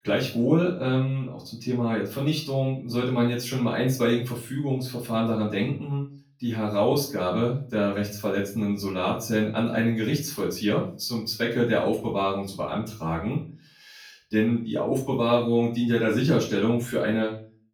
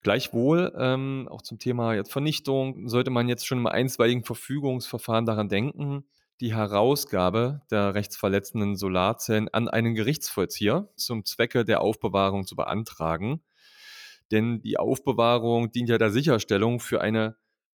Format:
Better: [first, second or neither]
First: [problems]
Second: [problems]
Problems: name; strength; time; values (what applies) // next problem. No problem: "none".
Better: second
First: room echo; slight; dies away in 0.3 s // off-mic speech; far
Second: none